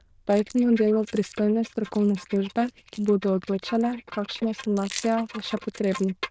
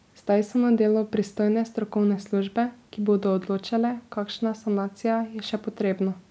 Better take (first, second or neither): second